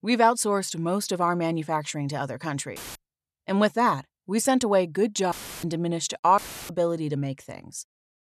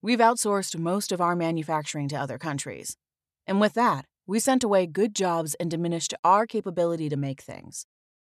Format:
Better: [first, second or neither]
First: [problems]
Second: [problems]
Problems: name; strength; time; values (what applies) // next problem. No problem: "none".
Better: second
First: audio cutting out; filled with static; at 3 s, at 5.5 s and at 6.5 s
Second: none